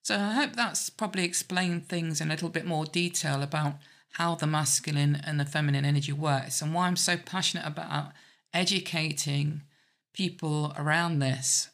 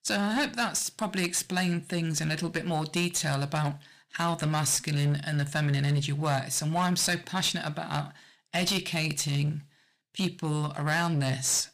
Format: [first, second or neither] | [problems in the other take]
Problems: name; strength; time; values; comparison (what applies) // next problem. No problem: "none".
first | distortion; slight; 9% of the sound clipped